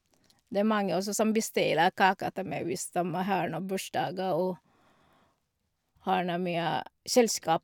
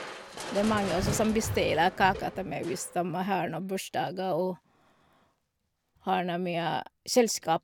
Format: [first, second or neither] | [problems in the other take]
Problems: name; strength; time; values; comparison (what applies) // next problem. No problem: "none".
first | background sound (Crushing); 11 dB below the speech